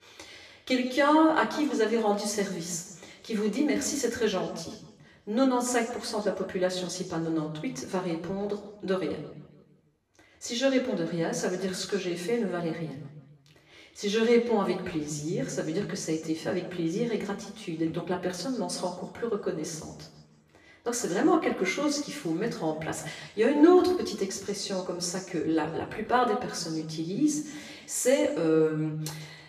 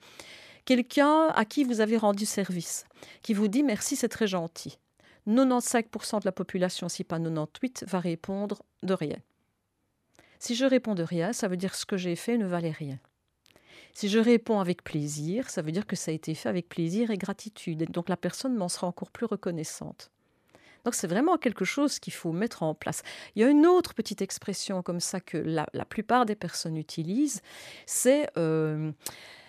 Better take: second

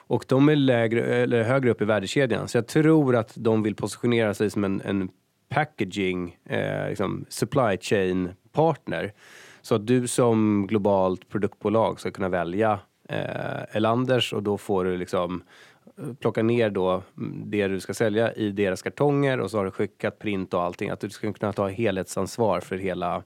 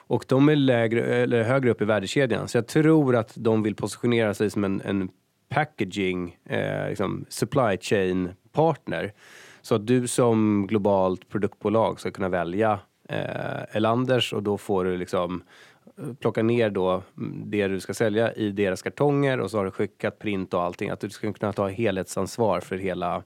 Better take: neither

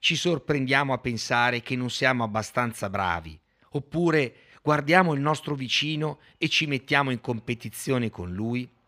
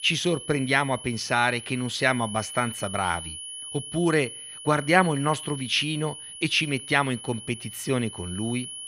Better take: first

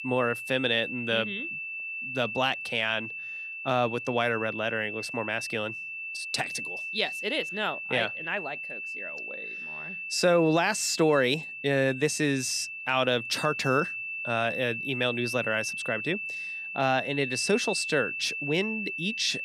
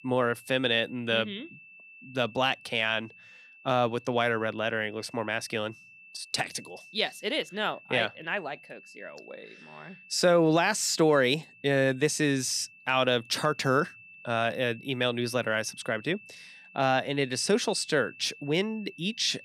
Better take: second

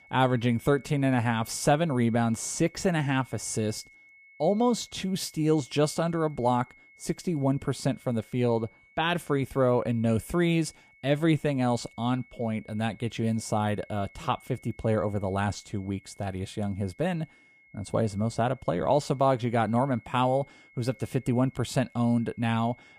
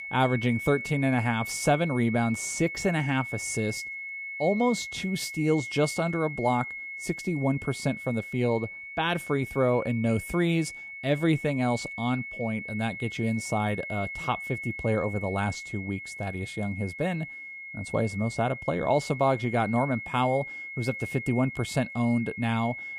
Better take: first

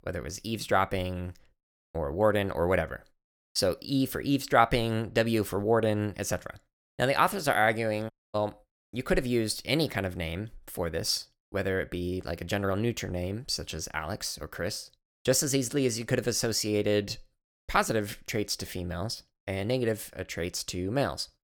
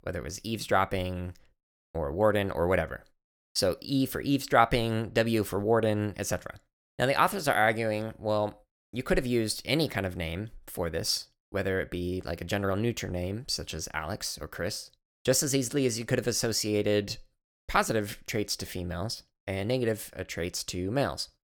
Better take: second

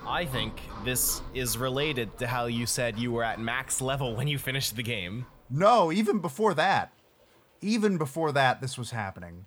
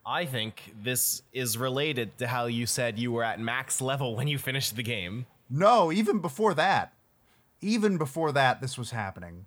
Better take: second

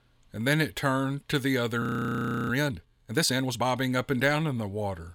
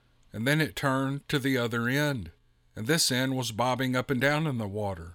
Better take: second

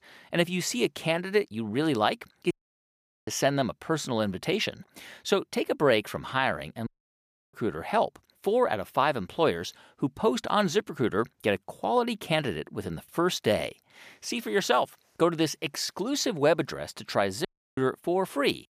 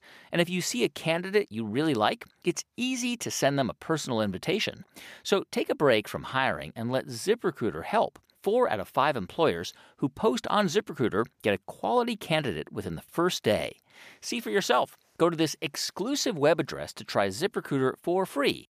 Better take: second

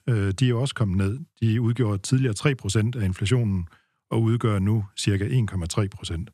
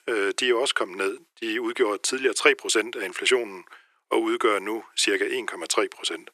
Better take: first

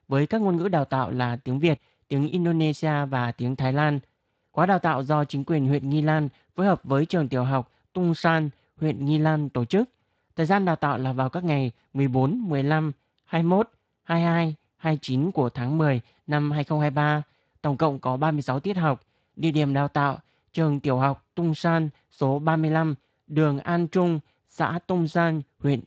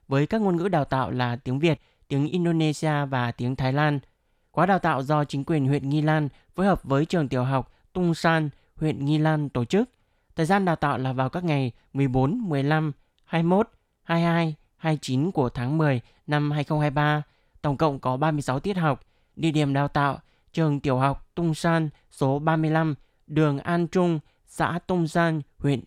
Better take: second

